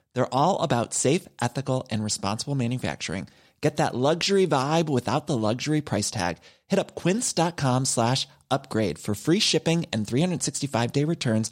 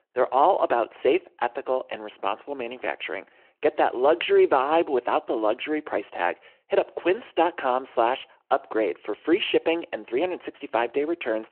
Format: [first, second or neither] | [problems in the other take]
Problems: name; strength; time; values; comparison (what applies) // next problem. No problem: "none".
first | phone-call audio